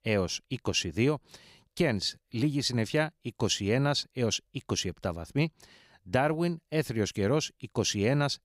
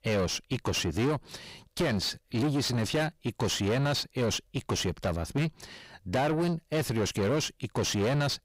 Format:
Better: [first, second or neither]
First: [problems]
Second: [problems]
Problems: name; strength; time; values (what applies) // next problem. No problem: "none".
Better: first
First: none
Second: distortion; heavy; 5 dB below the speech